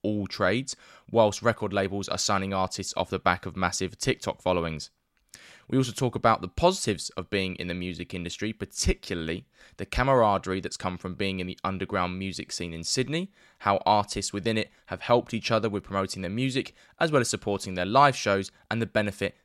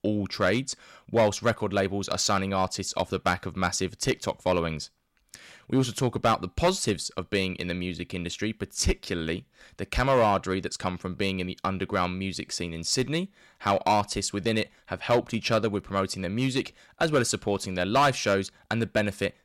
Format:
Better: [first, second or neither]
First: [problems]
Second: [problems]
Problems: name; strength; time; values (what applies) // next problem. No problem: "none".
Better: first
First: none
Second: distortion; slight; 3% of the sound clipped